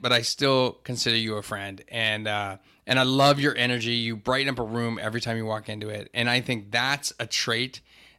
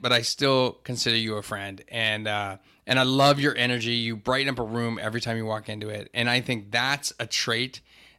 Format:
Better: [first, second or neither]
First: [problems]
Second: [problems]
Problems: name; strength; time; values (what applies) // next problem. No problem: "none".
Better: neither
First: none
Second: none